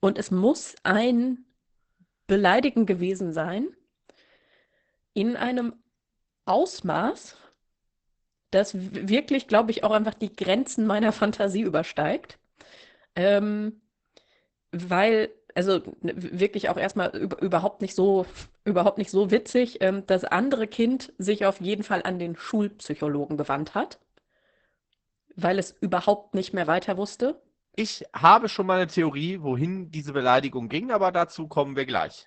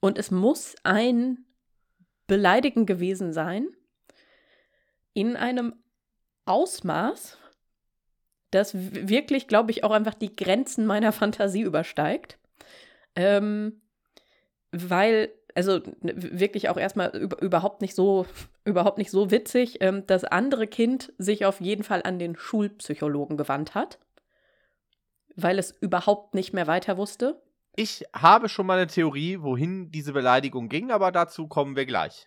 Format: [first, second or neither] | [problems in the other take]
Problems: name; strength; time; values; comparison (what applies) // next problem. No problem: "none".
second | garbled, watery; badly; nothing above 8 kHz